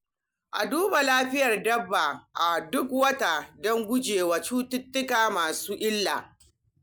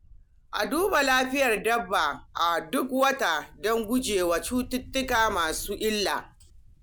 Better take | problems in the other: first | background sound (Wind); 20 dB below the speech

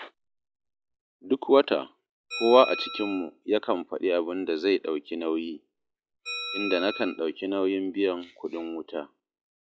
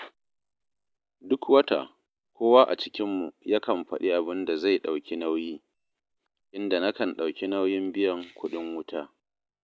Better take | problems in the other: second | noise reduction (classical method log-MMSE)

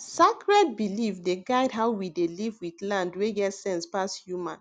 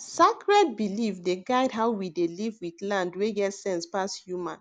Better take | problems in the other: first | noise reduction (neural mask model Resemble Enhance denoiser)

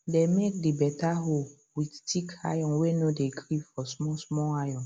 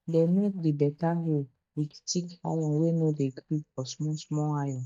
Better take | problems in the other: first | noise reduction (neural mask model DeepFilterNet 3)

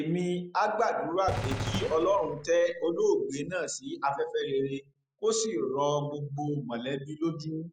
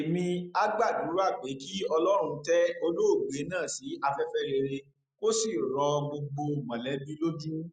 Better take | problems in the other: second | background sound (Gunshot, gunfire); 7 dB below the speech

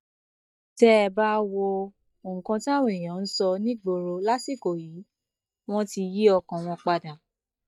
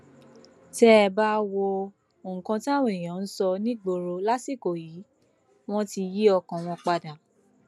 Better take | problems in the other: second | noise reduction (neural mask model DeepFilterNet 3)

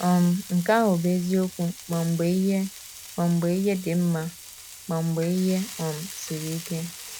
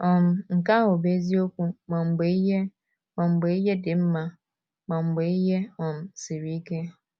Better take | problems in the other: second | background sound (Frying (food)); 16 dB below the speech

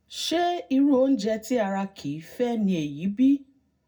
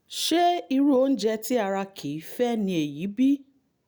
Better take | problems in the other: second | room echo; dies away in 0.4 s

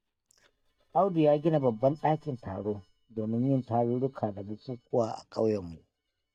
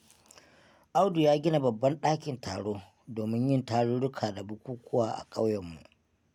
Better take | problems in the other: second | noise reduction (neural mask model DeepFilterNet 3)

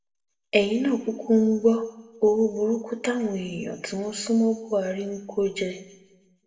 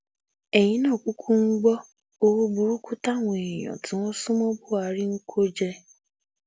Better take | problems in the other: second | room echo; dies away in 0.8 s

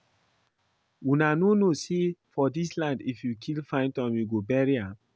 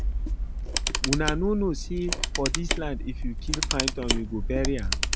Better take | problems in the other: first | background sound (Camera); 3 dB above the speech

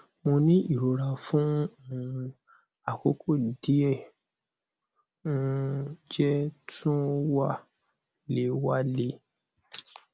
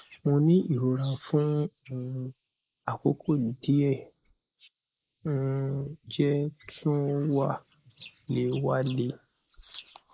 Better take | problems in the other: first | noise reduction (neural mask model Resemble Enhance denoiser)

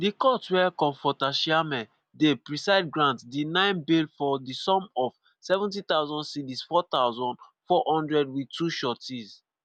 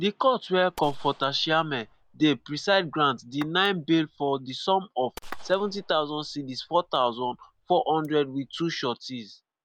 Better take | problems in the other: first | background sound (Tap / Glass + Gunshot, gunfire); 19 dB below the speech

